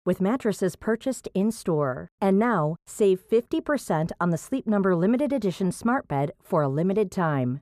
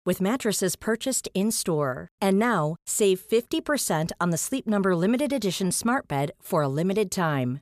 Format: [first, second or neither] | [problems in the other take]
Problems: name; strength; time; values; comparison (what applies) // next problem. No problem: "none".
second | muffled; slightly; fading above 2 kHz